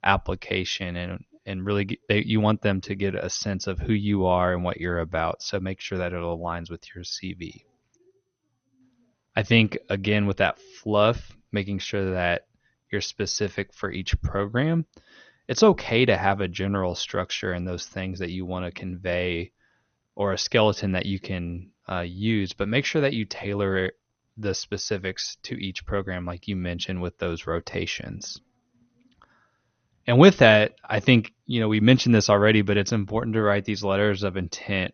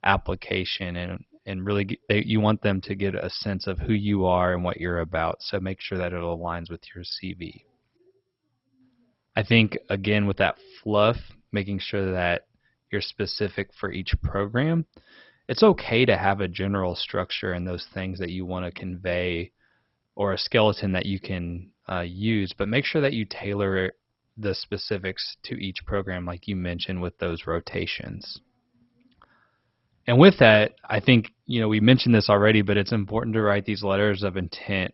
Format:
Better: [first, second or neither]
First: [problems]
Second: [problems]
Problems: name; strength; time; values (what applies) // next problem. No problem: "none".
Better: first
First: garbled, watery; slightly; nothing above 6.5 kHz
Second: garbled, watery; badly; nothing above 5.5 kHz